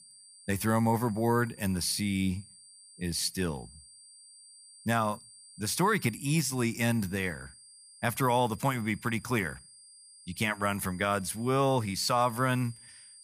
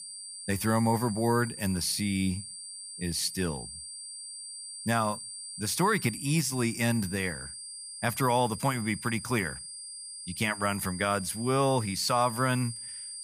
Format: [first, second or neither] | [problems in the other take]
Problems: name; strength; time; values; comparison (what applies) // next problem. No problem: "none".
first | high-pitched whine; loud; throughout; 9 kHz, 10 dB below the speech; faint in the first